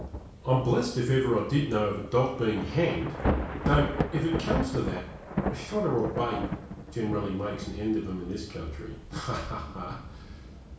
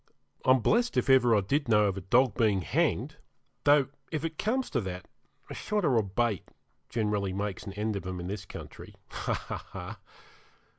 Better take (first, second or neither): second